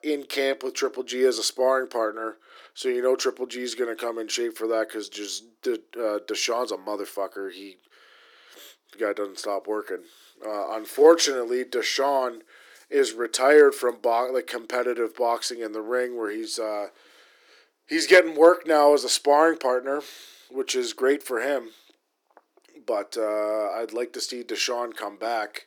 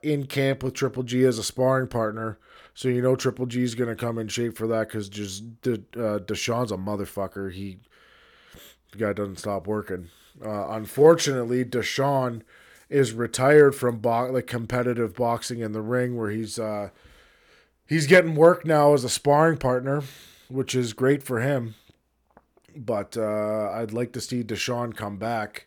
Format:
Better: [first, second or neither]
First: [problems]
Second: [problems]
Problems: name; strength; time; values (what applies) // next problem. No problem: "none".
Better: second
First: thin; somewhat; fading below 300 Hz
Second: none